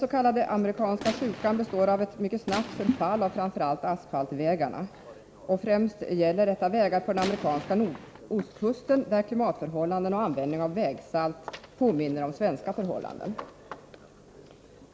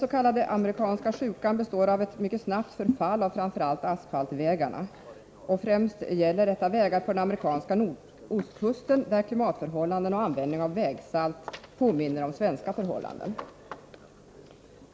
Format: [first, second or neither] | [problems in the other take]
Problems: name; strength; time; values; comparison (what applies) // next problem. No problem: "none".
second | background sound (Gunshot, gunfire); 12 dB below the speech